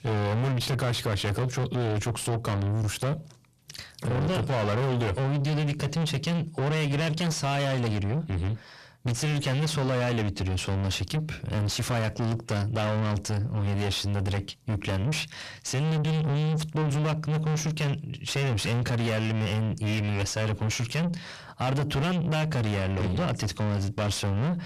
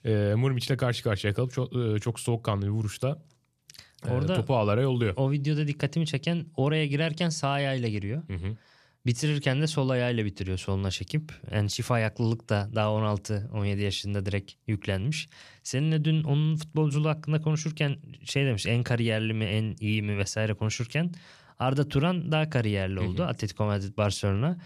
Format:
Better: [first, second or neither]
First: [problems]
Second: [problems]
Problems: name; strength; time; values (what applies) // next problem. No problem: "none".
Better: second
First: distortion; heavy; 6 dB below the speech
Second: none